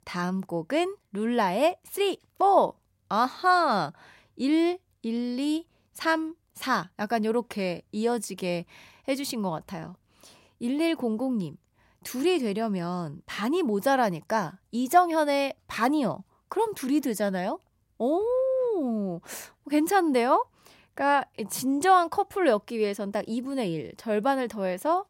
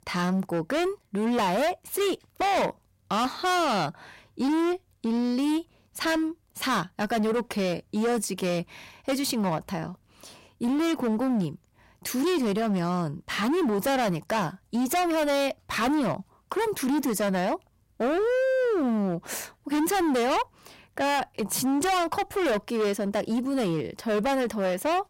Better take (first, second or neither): first